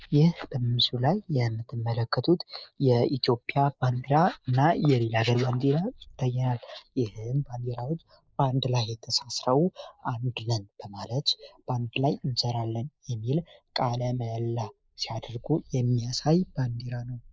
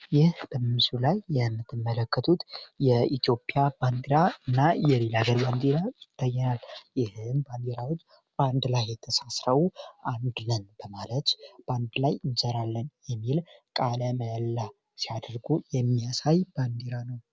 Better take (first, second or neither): second